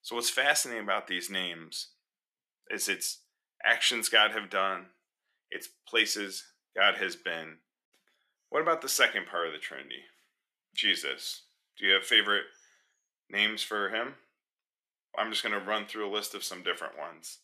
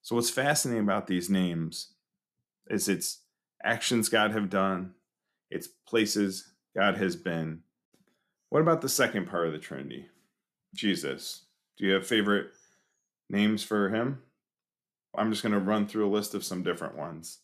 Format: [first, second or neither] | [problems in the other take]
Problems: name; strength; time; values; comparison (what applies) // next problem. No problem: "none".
second | thin; very; fading below 550 Hz